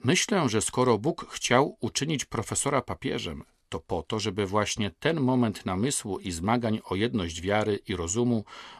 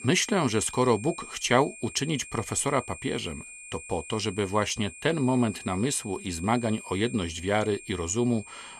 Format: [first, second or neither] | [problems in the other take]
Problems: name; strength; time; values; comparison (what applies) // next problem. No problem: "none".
first | high-pitched whine; noticeable; throughout; 2.5 kHz, 15 dB below the speech